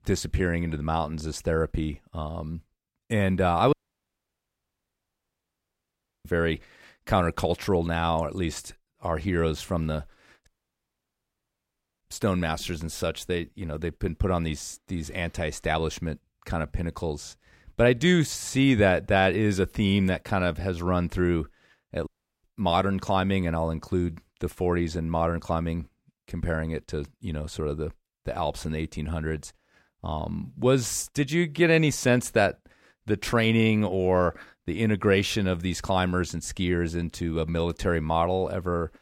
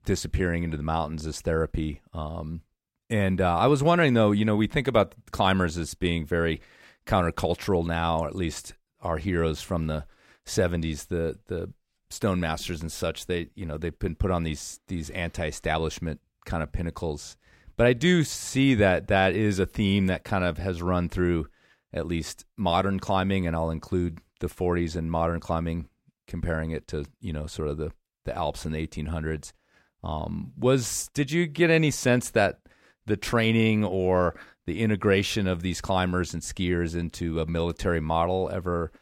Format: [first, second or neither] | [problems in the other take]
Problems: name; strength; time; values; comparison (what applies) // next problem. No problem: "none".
second | audio cutting out; at 3.5 s for 2.5 s, at 10 s for 1.5 s and at 22 s